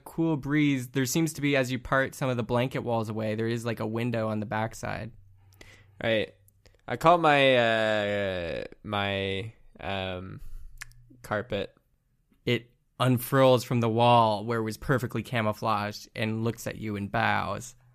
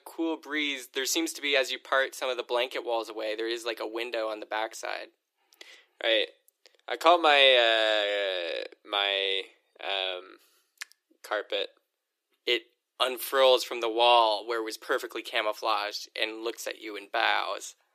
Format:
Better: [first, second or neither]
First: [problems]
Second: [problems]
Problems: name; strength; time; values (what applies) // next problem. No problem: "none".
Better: first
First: none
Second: thin; very; fading below 350 Hz